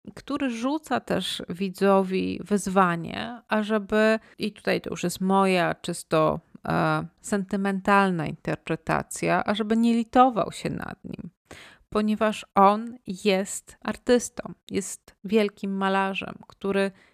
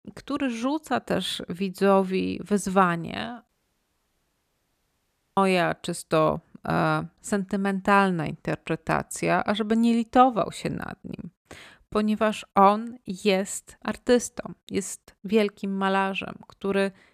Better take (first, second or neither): first